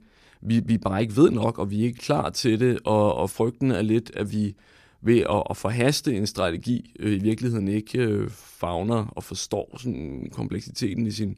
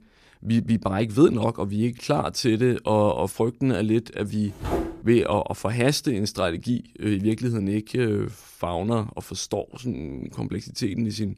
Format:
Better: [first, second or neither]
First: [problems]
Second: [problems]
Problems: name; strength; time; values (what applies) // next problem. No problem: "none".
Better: first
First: none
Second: footsteps; noticeable; at 4.5 s; peak 4 dB below the speech